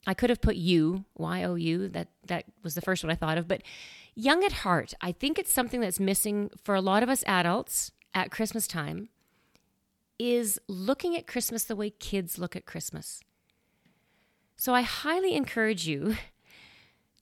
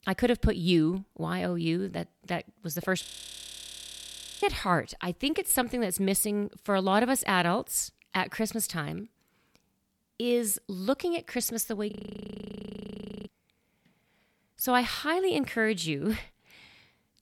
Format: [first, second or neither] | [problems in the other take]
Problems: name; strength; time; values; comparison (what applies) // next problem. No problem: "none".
first | audio freezing; at 3 s for 1.5 s and at 12 s for 1.5 s